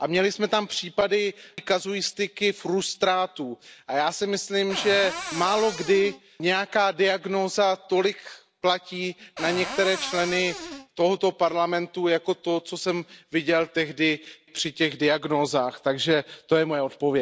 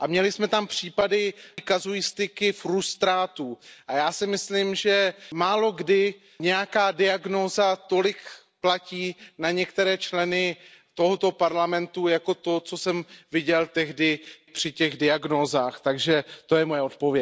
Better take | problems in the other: second | background sound (Cupboard open or close); 9 dB below the speech

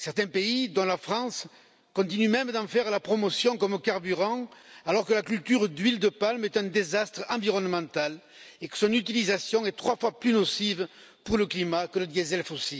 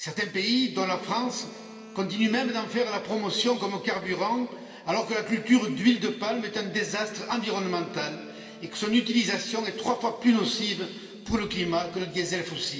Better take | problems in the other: first | background sound (Wind instrument, woodwind instrument); 20 dB below the speech // room echo; dies away in 2.2 s

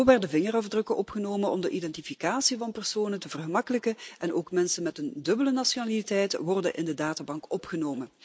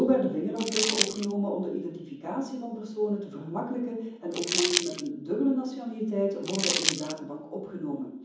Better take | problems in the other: first | background sound (Crumpling, crinkling); 1 dB above the speech // room echo; dies away in 1.2 s

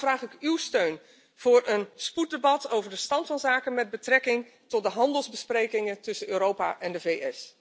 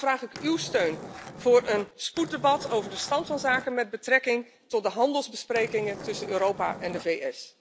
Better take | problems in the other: first | background sound (Skateboard); 13 dB below the speech

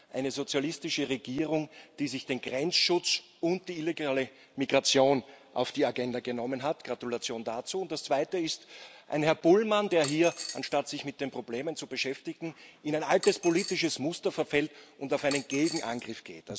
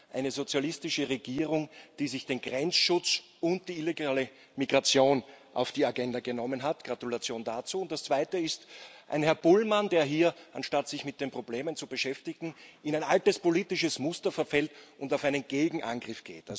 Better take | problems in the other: second | background sound (Coin (dropping)); 12 dB below the speech

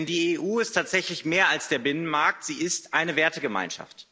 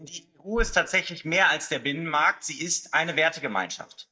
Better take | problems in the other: first | noise reduction (neural mask model DeepFilterNet 3)

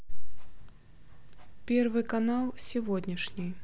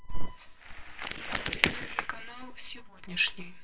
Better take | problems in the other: first | noise reduction (neural separator model SepFormer WHAMR!)

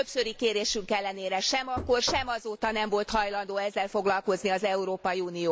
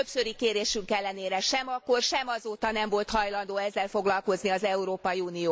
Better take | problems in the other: second | background sound (Knock); 11 dB below the speech

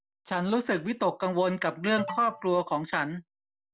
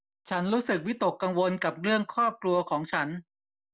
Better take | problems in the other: second | background sound (Alarm); 13 dB below the speech

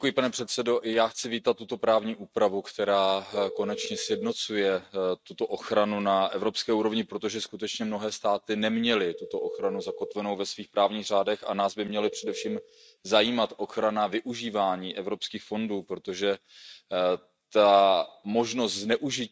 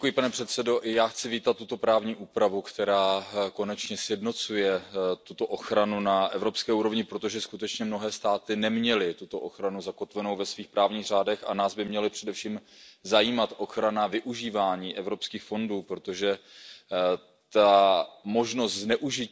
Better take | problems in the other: second | noise reduction (neural mask model RNNoise)

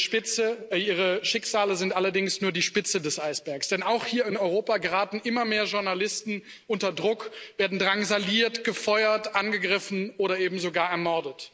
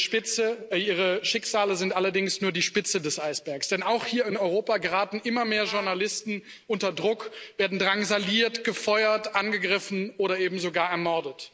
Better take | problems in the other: first | background sound (Brass instrument); 18 dB below the speech

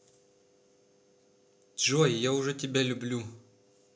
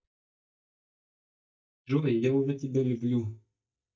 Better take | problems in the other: first | noise reduction (neural mask model DeepFilterNet 3)

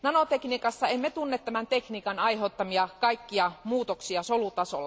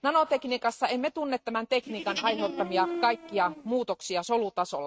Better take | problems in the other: first | noise reduction (neural mask model RNNoise)

